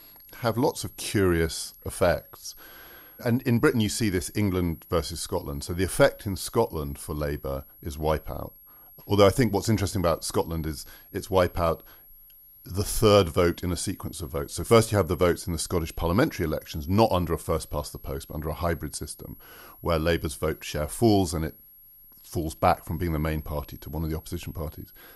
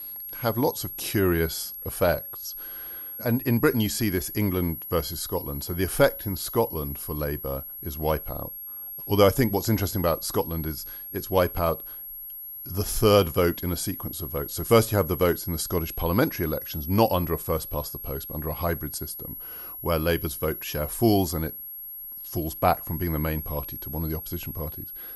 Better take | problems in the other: first | high-pitched whine; loud; throughout; 11.5 kHz, 8 dB below the speech; faint in the first

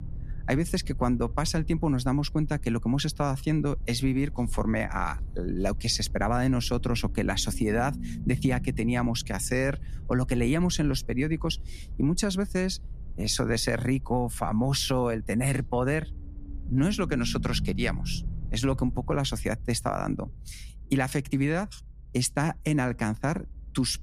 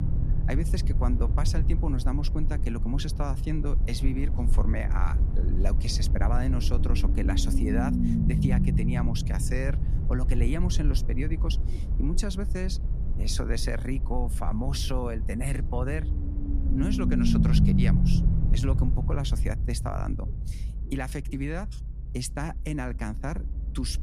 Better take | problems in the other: first | low rumble; loud; throughout; 4 dB below the speech; faint in the first

